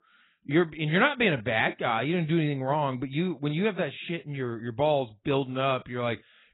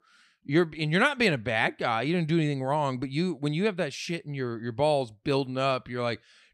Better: second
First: garbled, watery; badly; nothing above 4 kHz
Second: none

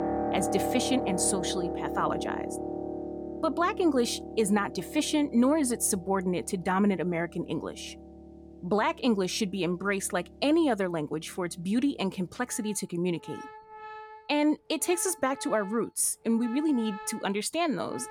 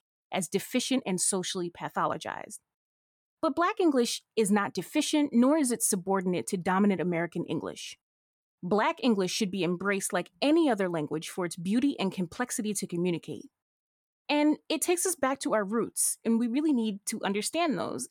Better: second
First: background music; loud; throughout; 9 dB below the speech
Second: none

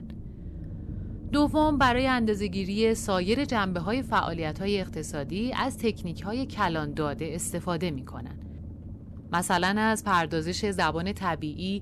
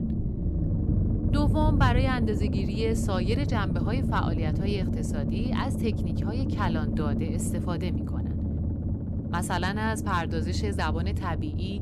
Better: first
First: low rumble; faint; throughout; 20 dB below the speech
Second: low rumble; loud; throughout; 6 dB below the speech

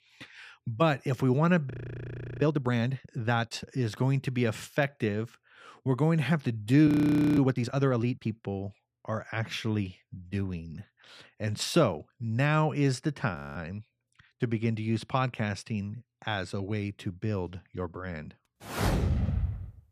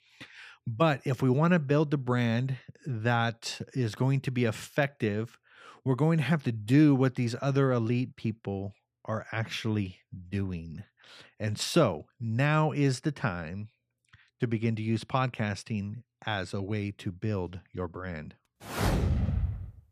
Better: second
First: audio freezing; at 1.5 s for 0.5 s, at 7 s and at 13 s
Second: none

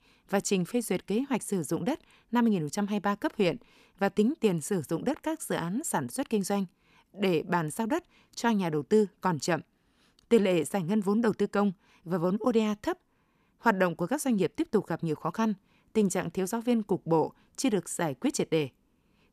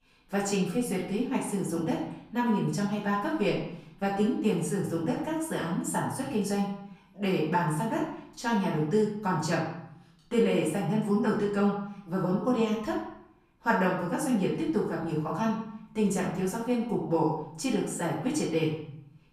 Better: first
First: none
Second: room echo; noticeable; dies away in 0.7 s // off-mic speech; far

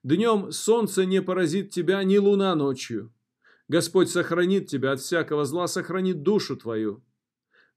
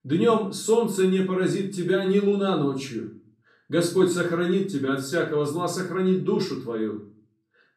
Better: first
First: none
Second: room echo; slight; dies away in 0.4 s // off-mic speech; far

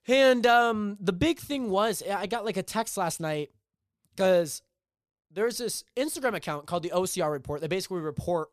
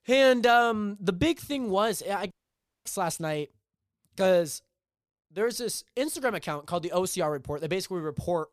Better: first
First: none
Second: audio cutting out; at 2.5 s for 0.5 s

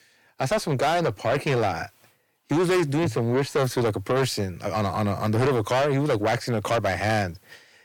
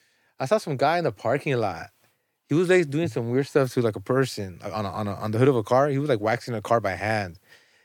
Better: second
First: distortion; heavy; 6 dB below the speech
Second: none

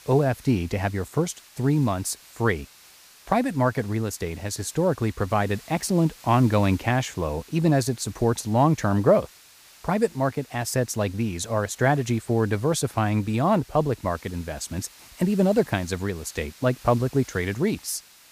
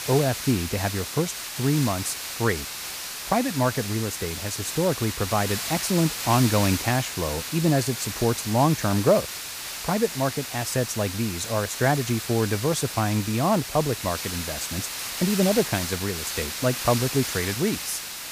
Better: first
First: hiss; faint; throughout; 25 dB below the speech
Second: hiss; loud; throughout; 5 dB below the speech

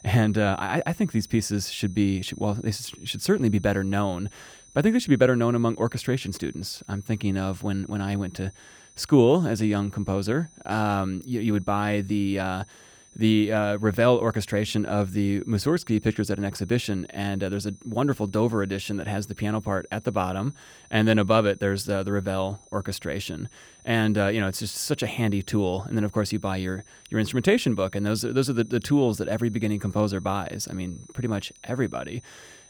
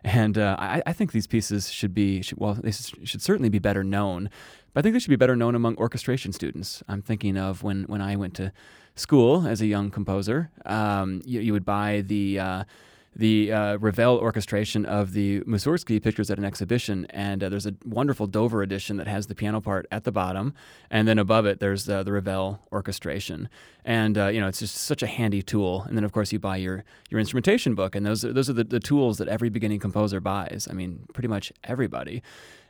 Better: second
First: high-pitched whine; faint; throughout; 6 kHz, 25 dB below the speech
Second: none

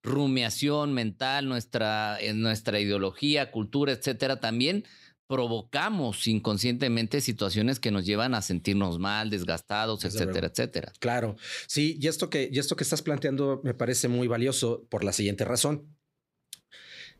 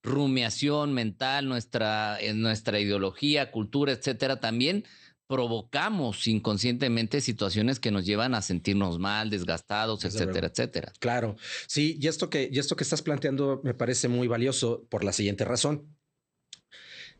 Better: first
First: none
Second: garbled, watery; slightly; nothing above 8.5 kHz

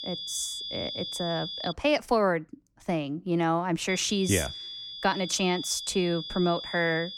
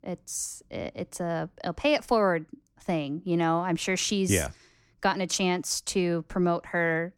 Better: second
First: high-pitched whine; loud; until 1.5 s and from 4 s on; 3.5 kHz, 7 dB below the speech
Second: none

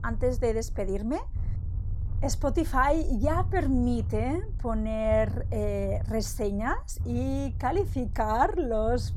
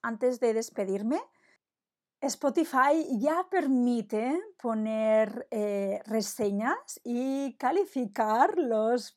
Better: second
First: low rumble; faint; throughout; 20 dB below the speech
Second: none

